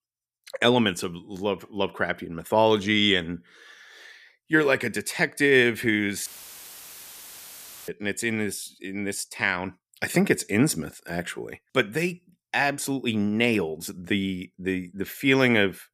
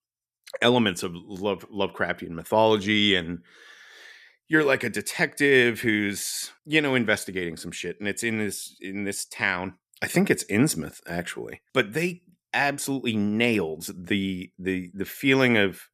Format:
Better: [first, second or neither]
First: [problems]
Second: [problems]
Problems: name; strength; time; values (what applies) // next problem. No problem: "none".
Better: second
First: audio cutting out; filled with static; at 6.5 s for 1.5 s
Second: none